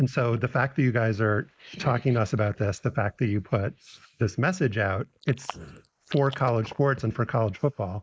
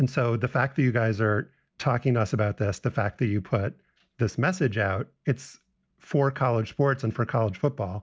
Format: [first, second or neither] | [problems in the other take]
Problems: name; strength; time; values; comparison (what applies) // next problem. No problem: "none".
second | noise reduction (neural mask model Resemble Enhance denoiser)